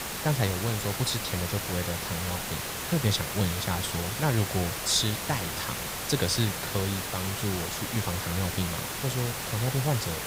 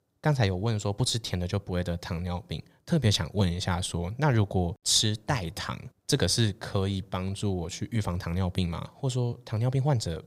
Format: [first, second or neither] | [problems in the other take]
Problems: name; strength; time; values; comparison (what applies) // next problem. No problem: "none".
second | hiss; loud; throughout; 2 dB below the speech